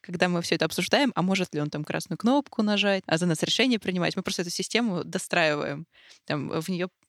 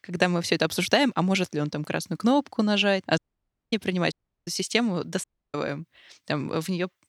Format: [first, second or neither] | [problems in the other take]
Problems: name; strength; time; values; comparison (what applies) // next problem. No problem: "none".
first | audio cutting out; at 3 s for 0.5 s, at 4 s and at 5 s